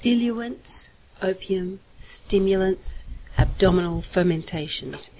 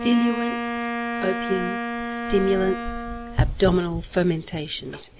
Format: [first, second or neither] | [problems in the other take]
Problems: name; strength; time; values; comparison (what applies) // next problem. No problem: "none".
first | background sound (Wind instrument, woodwind instrument); 5 dB below the speech